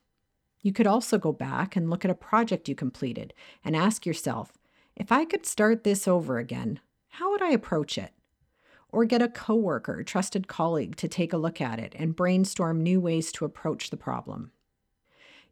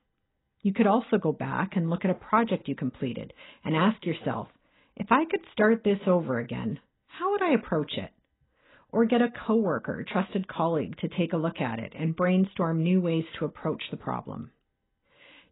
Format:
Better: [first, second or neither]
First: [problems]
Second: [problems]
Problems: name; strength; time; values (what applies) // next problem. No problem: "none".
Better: first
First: none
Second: garbled, watery; badly; nothing above 4 kHz